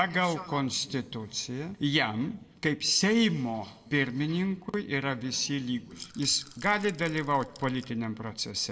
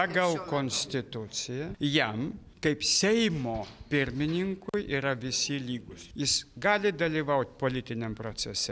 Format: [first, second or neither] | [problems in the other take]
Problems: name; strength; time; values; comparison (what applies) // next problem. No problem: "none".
second | noise reduction (neural separator model SepFormer DNS4)